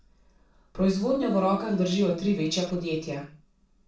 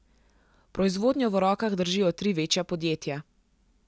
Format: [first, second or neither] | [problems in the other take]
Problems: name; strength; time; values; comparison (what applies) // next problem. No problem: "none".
second | background sound (Piano); 14 dB below the speech // room echo; dies away in 0.4 s